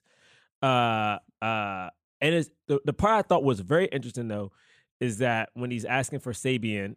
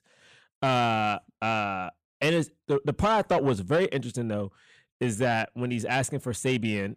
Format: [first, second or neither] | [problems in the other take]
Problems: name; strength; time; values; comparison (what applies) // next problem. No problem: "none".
first | distortion; slight; 10 dB below the speech